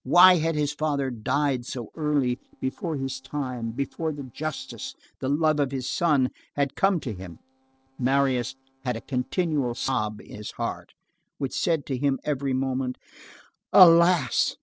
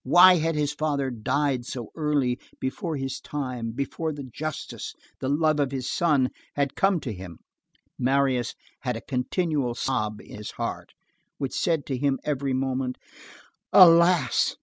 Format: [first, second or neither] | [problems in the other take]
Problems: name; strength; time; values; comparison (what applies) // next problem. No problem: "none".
second | noise reduction (neural separator model SepFormer DNS4)